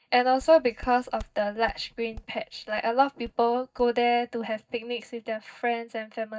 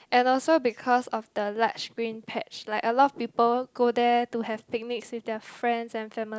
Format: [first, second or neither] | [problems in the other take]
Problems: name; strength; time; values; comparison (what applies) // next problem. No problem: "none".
second | noise reduction (neural mask model DeepFilterNet 3)